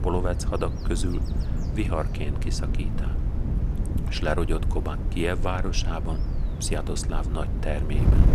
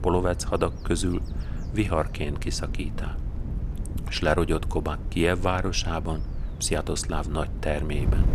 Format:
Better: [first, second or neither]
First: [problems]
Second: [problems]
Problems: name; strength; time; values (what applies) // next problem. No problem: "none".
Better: second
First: wind noise on the microphone; heavy; 9 dB below the speech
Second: wind noise on the microphone; occasional gusts; 15 dB below the speech